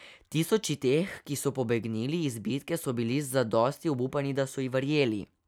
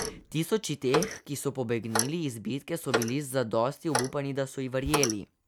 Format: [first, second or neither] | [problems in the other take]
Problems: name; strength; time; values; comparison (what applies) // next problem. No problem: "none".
first | background sound (Clock); 4 dB below the speech